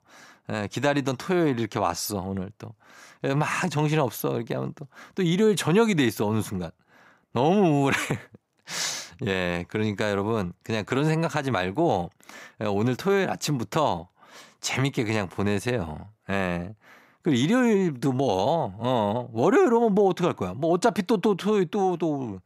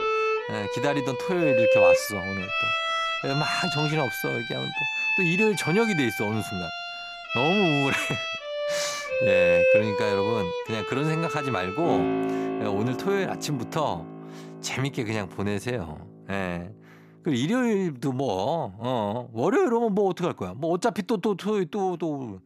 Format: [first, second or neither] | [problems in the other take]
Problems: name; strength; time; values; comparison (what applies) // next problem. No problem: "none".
first | background music; very loud; throughout; 2 dB above the speech